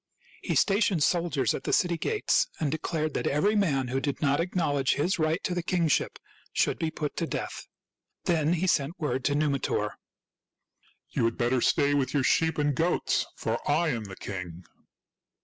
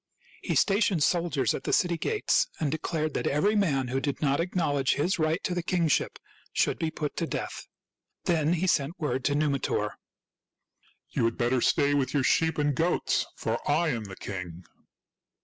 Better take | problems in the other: second | background sound (Wind instrument, woodwind instrument); 13 dB below the speech

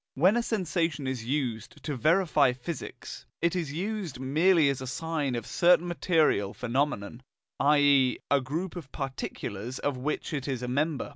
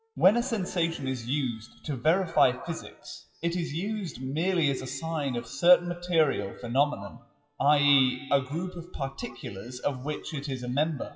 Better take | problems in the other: first | noise reduction (classical method WPE with log-MMSE)

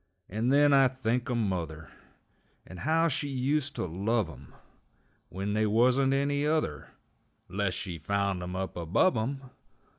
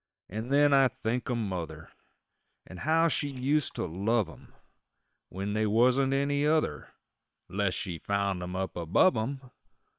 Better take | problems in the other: first | noise reduction (neural separator model SepFormer WHAM!)

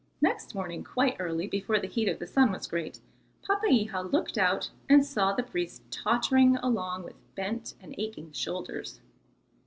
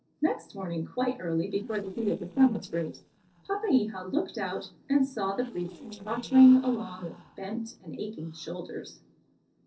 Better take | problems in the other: first | noise reduction (neural separator model SepFormer DNS4)

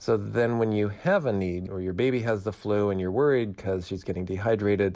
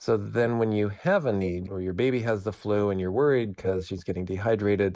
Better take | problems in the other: first | noise reduction (neural mask model Resemble Enhance denoiser)

